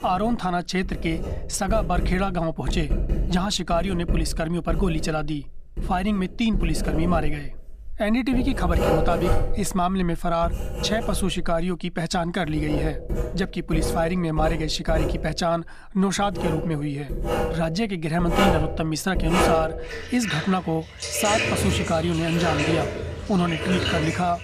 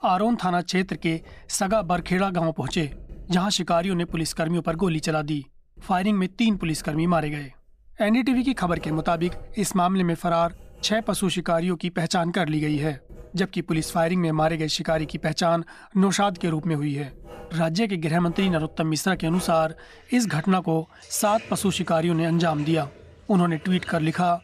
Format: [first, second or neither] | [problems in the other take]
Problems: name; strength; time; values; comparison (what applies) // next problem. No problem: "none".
second | household noises; loud; throughout; 3 dB below the speech; faint in the second